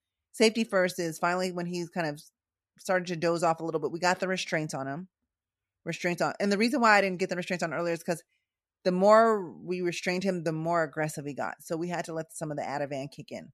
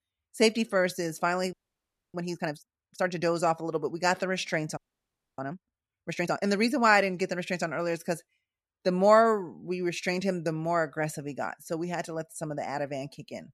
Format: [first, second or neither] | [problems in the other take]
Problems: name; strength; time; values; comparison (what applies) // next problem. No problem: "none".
first | audio freezing; at 1.5 s for 0.5 s and at 5 s for 0.5 s